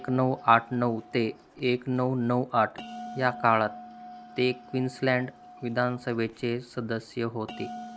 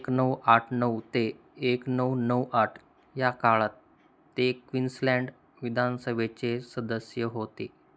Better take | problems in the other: second | background sound (Bell); 17 dB below the speech

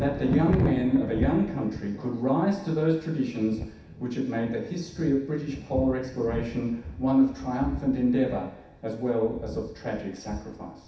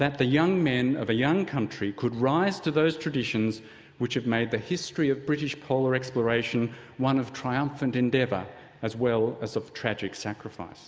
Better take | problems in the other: second | background sound (Thunder); 8 dB below the speech // room echo; dies away in 0.7 s

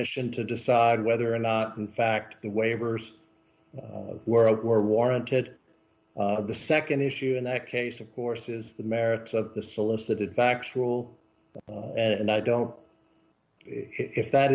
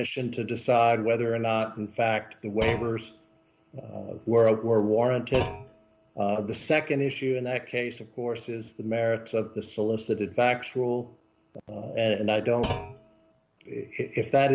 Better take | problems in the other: first | background sound (Thump, thud); 11 dB below the speech

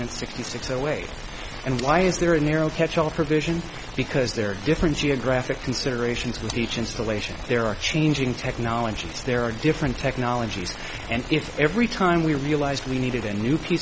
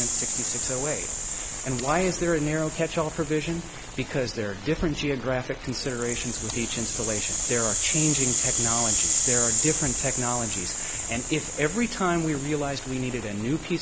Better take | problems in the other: first | background sound (Rattle (instrument)); 1 dB below the speech

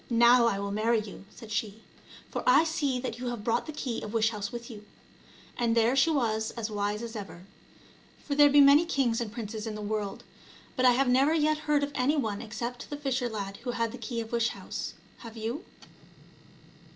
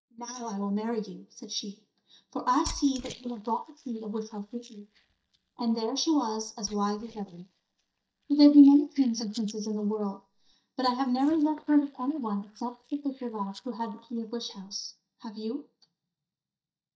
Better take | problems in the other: first | noise reduction (neural mask model DeepFilterNet 3)

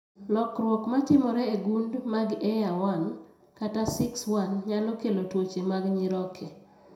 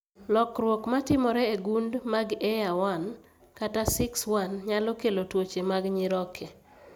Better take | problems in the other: second | room echo; dies away in 0.5 s

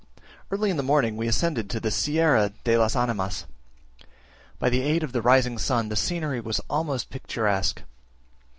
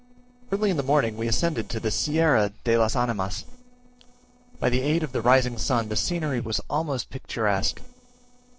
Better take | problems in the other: first | noise reduction (neural separator model SepFormer DNS4)

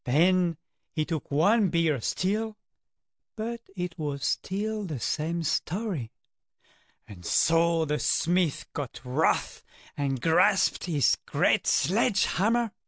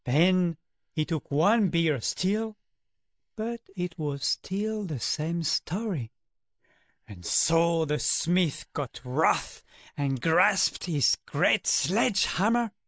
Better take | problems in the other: first | noise reduction (neural mask model Resemble Enhance denoiser)

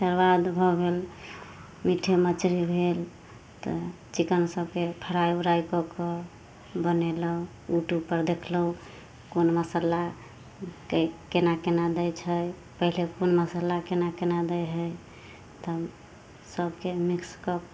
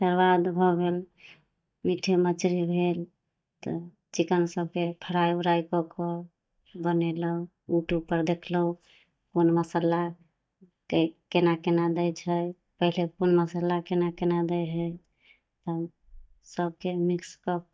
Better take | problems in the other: first | noise reduction (neural mask model DeepFilterNet 3)

